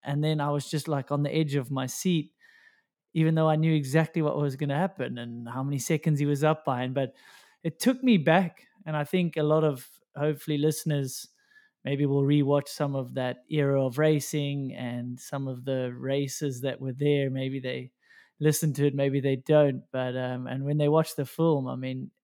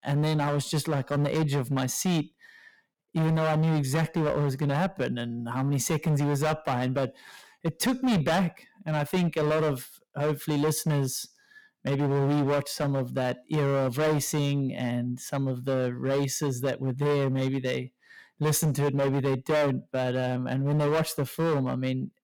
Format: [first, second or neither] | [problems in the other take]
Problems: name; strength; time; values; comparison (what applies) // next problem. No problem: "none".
first | distortion; heavy; 16% of the sound clipped